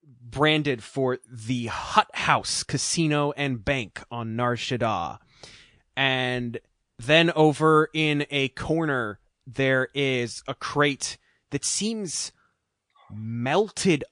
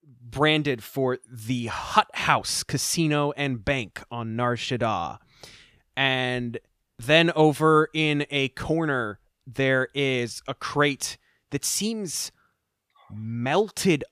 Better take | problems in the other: second | garbled, watery; slightly

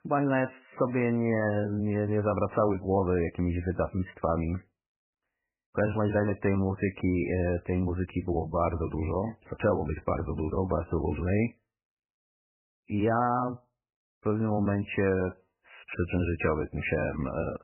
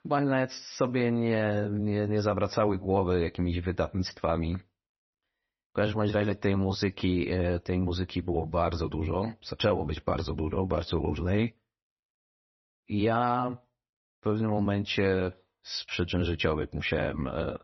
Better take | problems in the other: second | garbled, watery; badly; nothing above 2.5 kHz; slightly in the second

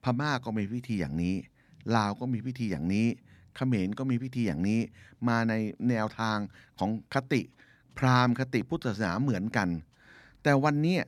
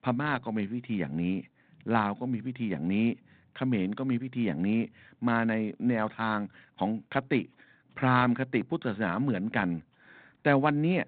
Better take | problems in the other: first | phone-call audio; nothing above 4 kHz

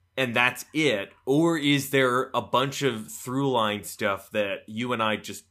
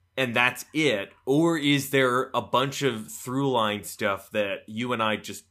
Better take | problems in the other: neither | none

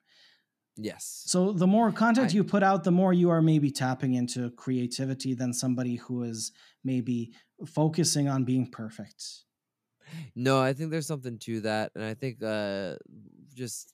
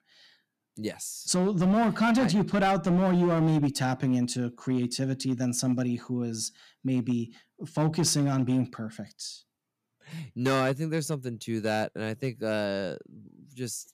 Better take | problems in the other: first | distortion; slight; 6% of the sound clipped

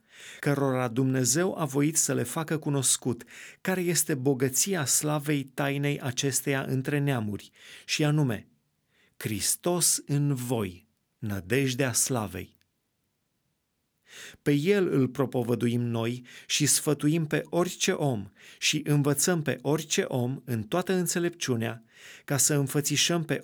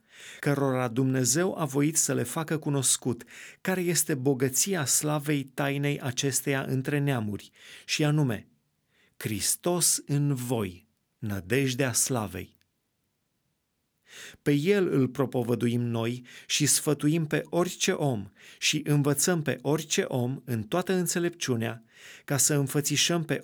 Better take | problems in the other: neither | none

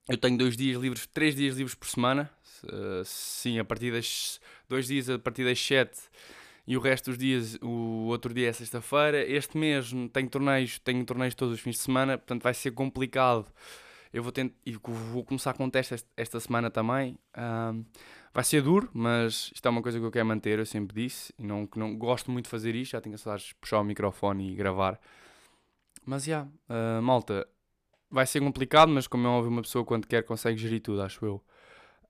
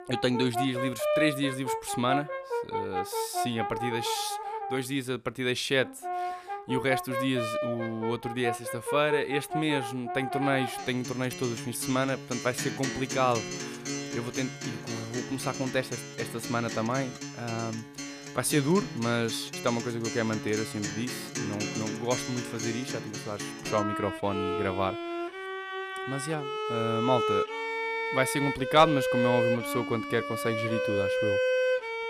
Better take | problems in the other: first | background music; loud; throughout; 3 dB below the speech

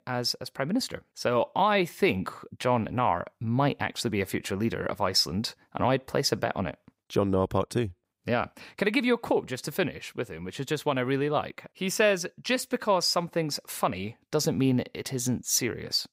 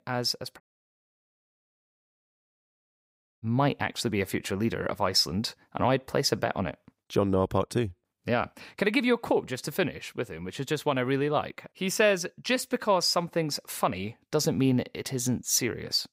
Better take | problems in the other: first | audio cutting out; at 0.5 s for 3 s

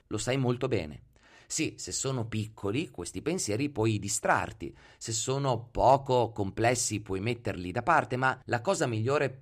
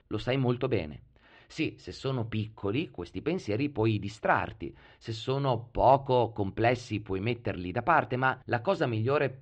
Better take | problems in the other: first | muffled; slightly; fading above 3.5 kHz

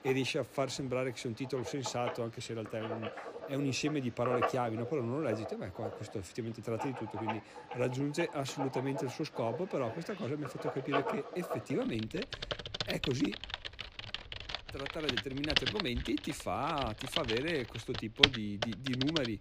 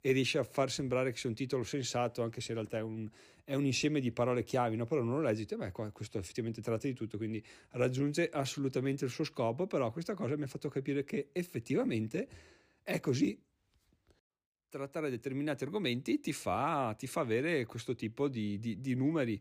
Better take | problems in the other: second | household noises; loud; throughout; 1 dB below the speech

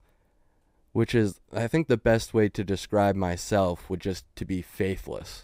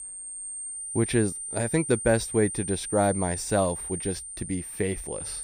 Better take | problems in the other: first | high-pitched whine; loud; throughout; 9 kHz, 6 dB below the speech

